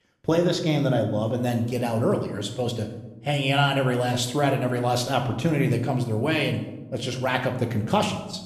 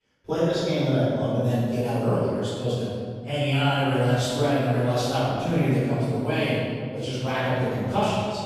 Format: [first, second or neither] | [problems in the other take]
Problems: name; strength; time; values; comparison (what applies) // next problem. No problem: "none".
first | room echo; strong; dies away in 1.9 s; slight in the first // off-mic speech; far